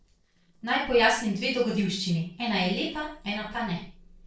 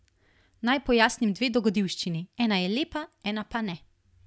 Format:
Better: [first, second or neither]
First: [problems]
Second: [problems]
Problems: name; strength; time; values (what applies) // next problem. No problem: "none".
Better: second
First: noise reduction (neural separator model SepFormer DNS4)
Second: none